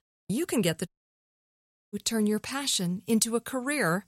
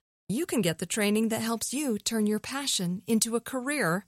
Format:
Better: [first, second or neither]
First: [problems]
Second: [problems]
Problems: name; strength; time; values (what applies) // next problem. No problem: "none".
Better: second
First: audio cutting out; at 1 s for 1 s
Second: none